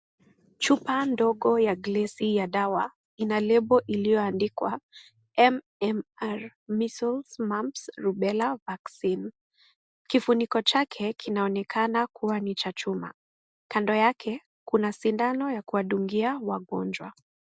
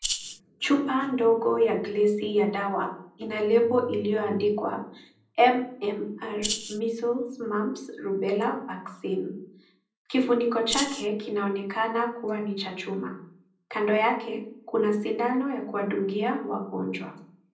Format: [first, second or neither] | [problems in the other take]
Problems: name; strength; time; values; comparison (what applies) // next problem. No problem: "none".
first | background sound (Rattle (instrument)); 4 dB below the speech // room echo; dies away in 0.6 s